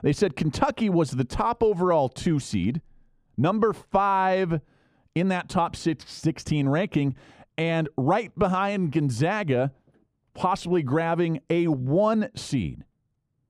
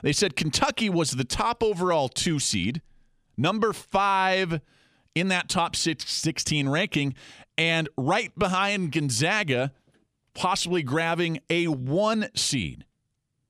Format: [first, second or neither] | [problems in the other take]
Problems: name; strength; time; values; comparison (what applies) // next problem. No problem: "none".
second | muffled; slightly; fading above 2 kHz